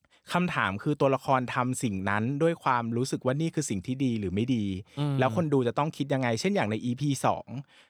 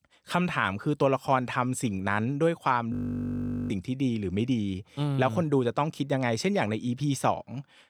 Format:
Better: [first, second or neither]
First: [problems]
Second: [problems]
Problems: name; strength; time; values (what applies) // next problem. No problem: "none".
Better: first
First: none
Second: audio freezing; at 3 s for 1 s